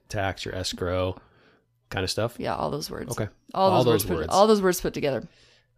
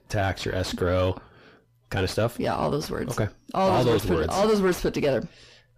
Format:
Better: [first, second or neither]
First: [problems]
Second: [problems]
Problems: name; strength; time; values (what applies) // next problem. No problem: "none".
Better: first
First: none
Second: distortion; heavy; 6 dB below the speech